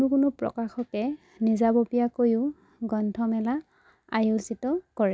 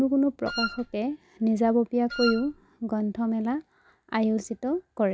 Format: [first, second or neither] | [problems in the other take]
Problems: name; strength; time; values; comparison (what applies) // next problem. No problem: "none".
first | background sound (Wind instrument, woodwind instrument); 7 dB below the speech